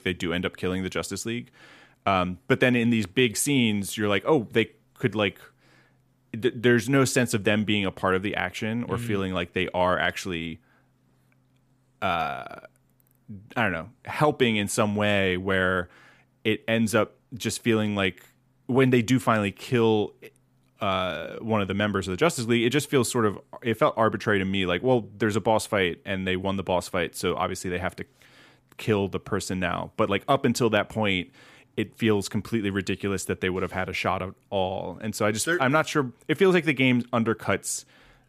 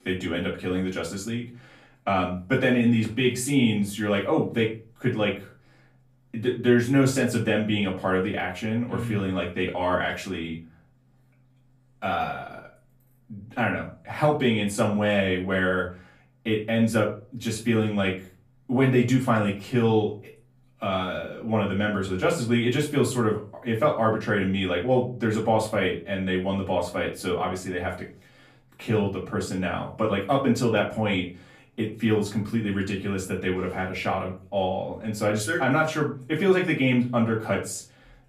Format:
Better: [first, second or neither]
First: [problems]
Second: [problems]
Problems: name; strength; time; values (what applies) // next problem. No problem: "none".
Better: first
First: none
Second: off-mic speech; far // room echo; slight; dies away in 0.3 s